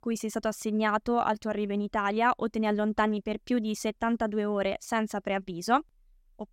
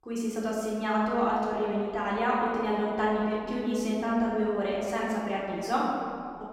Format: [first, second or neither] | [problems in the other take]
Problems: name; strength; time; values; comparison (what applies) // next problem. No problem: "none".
first | room echo; strong; dies away in 2.1 s // off-mic speech; far